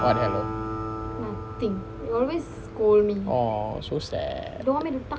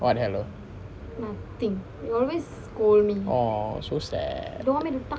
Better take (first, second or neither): second